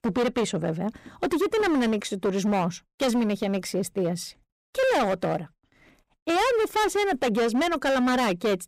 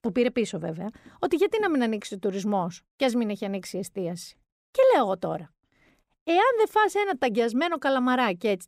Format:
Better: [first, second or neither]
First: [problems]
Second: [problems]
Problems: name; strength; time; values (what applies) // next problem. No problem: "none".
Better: second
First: distortion; heavy; 20% of the sound clipped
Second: none